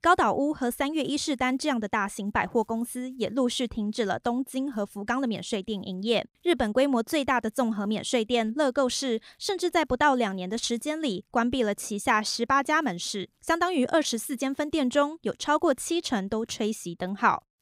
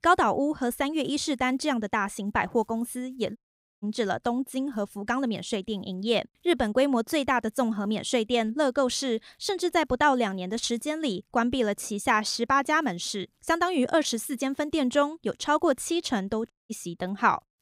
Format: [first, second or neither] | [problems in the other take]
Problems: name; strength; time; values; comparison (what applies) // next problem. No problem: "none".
first | audio cutting out; at 3.5 s and at 17 s